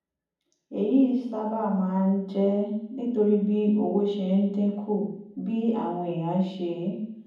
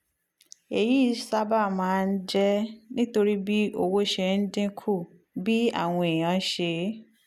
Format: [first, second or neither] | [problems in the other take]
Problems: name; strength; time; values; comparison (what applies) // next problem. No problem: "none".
second | room echo; dies away in 1.2 s